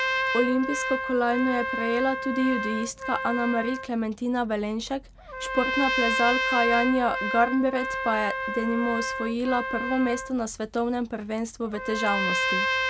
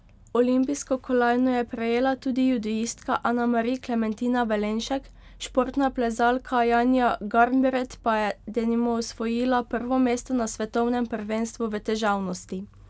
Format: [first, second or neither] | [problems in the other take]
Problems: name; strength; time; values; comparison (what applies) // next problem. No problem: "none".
second | background sound (Trumpet); 3 dB below the speech